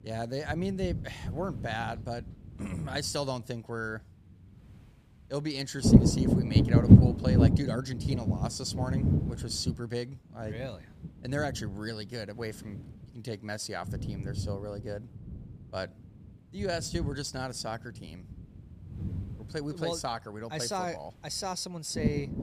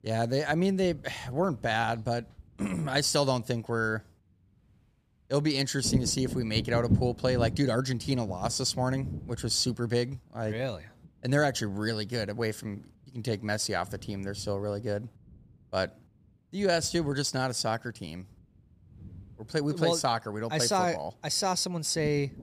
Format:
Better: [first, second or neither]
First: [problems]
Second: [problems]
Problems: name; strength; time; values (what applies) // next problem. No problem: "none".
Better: second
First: wind noise on the microphone; heavy; 2 dB above the speech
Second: wind noise on the microphone; occasional gusts; 15 dB below the speech